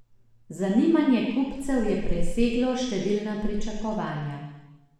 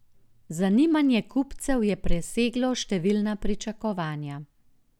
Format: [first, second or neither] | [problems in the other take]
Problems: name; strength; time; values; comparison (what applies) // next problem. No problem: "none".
second | room echo; dies away in 1.1 s